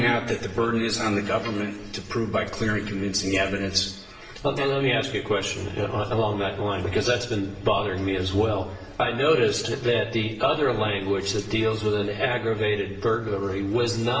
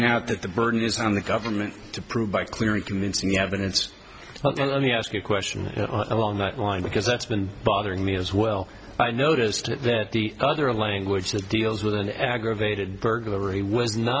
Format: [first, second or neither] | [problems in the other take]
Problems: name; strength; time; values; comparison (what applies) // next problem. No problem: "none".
second | room echo; dies away in 0.8 s